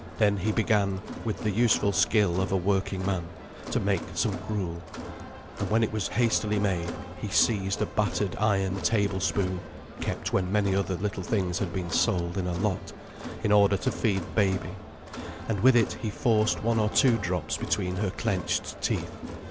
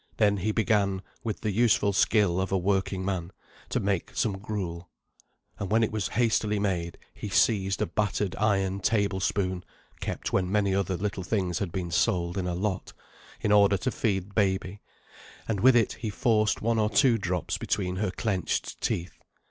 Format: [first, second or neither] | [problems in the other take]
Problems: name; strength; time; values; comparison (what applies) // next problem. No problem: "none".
second | background sound (Crowd); 10 dB below the speech